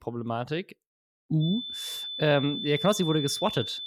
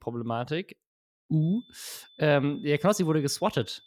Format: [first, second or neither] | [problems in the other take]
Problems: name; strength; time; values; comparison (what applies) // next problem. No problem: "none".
second | high-pitched whine; loud; from 1.5 s on; 3.5 kHz, 6 dB below the speech; faint in the second